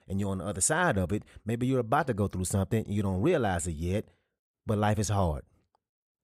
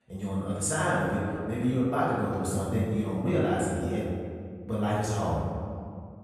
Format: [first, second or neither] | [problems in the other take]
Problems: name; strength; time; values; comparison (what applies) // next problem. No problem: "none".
first | room echo; strong; dies away in 2 s // off-mic speech; far